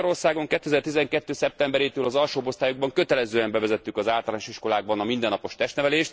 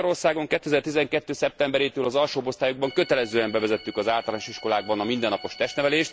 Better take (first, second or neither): first